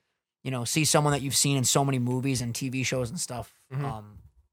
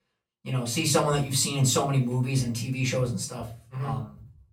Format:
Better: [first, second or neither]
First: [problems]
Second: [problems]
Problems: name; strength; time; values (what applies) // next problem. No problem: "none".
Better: first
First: none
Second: off-mic speech; far // room echo; very slight; dies away in 0.3 s